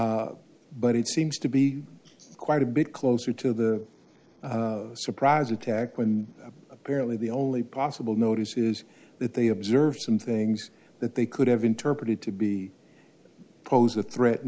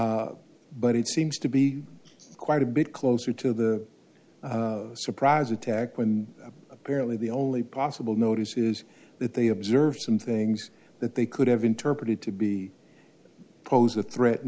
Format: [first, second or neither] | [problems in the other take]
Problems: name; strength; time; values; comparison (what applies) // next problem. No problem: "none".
second | noise reduction (neural mask model Resemble Enhance denoiser)